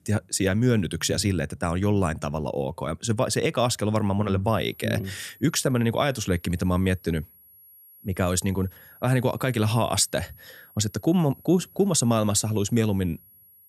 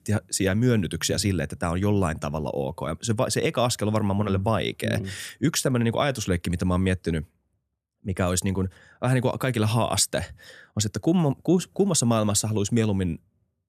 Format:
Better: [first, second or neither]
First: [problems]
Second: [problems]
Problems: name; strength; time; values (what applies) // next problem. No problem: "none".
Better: second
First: high-pitched whine; faint; from 4.5 s on; 11.5 kHz, 25 dB below the speech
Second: none